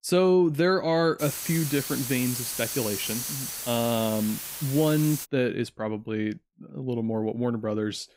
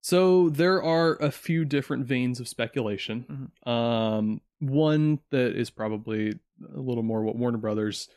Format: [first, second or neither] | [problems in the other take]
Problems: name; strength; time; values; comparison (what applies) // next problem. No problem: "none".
second | hiss; loud; from 1 to 5.5 s; 5 dB below the speech